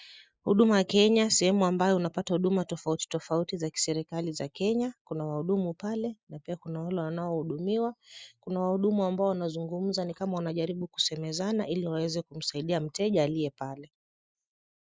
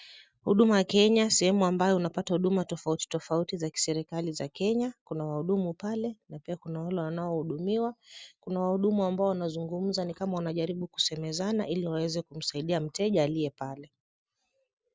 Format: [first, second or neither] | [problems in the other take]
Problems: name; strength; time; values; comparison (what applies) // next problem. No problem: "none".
second | noise reduction (neural mask model Resemble Enhance denoiser)